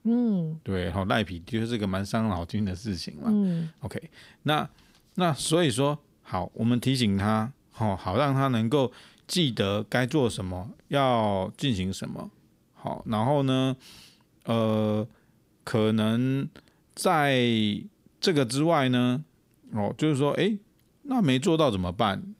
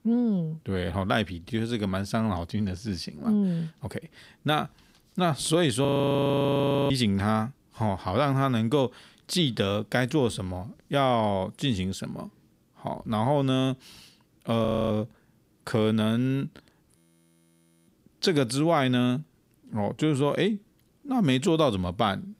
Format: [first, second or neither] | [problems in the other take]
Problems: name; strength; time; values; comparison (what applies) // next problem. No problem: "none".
first | audio freezing; at 6 s for 1 s, at 15 s and at 17 s for 1 s